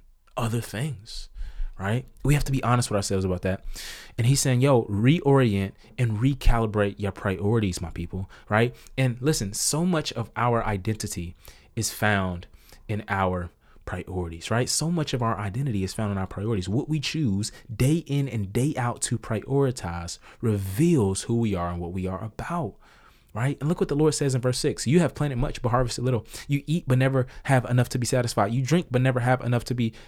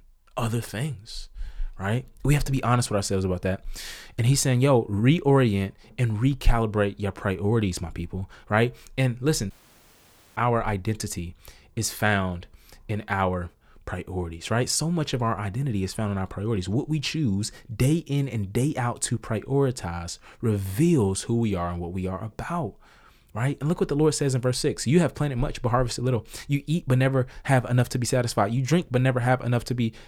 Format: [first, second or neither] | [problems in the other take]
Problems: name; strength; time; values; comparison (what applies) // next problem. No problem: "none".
first | audio cutting out; at 9.5 s for 1 s